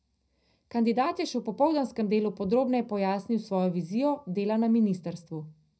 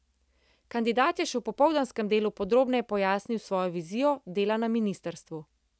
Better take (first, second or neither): second